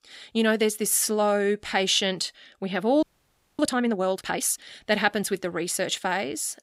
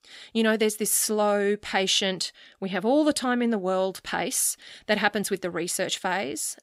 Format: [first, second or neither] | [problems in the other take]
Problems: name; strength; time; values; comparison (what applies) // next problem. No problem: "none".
second | audio freezing; at 3 s for 0.5 s